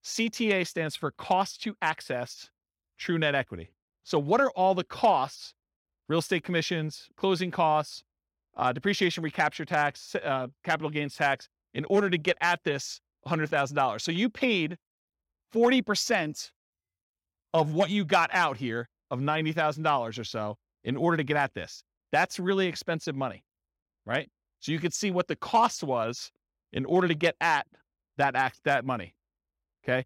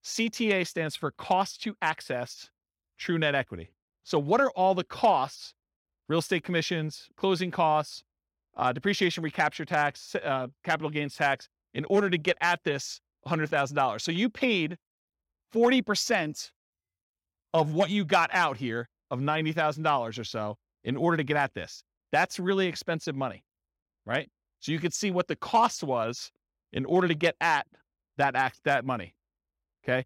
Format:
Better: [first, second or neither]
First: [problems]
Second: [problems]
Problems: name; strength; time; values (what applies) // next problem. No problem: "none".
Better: neither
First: none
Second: none